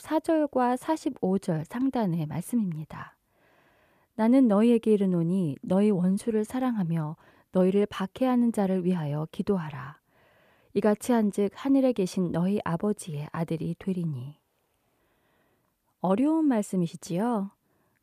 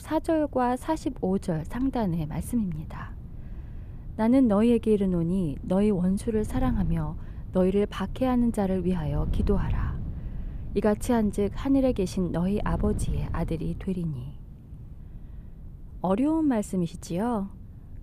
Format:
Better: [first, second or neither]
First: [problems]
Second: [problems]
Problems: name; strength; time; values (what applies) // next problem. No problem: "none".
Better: first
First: none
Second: wind noise on the microphone; occasional gusts; 20 dB below the speech